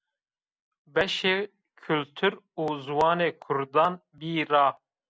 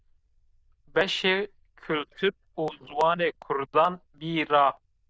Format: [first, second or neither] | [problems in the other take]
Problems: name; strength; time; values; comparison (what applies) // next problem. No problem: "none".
first | noise reduction (neural diffusion model UNIVERSE++)